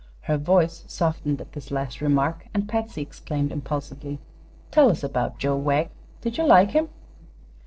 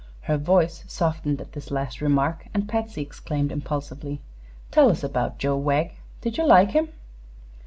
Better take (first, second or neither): second